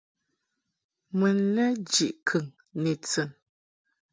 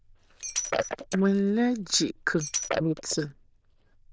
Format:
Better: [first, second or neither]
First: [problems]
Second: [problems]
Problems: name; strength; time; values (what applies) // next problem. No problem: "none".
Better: first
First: none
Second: noise reduction (neural diffusion model UNIVERSE++)